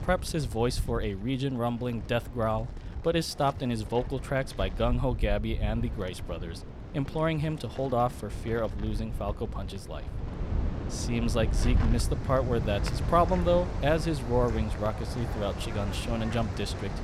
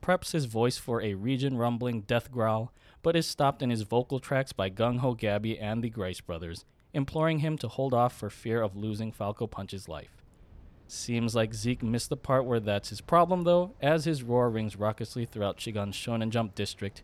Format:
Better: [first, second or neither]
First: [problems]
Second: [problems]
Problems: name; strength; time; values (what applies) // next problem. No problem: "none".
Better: second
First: wind in the background; loud; throughout; 5 dB below the speech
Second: wind in the background; faint; throughout; 30 dB below the speech